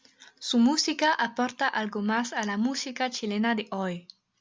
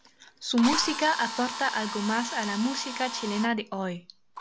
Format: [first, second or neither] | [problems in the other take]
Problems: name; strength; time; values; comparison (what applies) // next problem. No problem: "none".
first | background sound (Drill); 8 dB below the speech